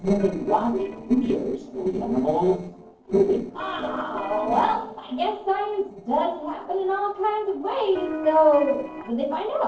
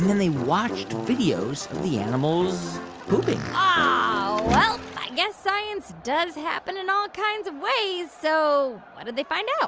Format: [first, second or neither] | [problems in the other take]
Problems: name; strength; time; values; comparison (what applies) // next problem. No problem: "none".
second | noise reduction (neural separator model SepFormer DNS4)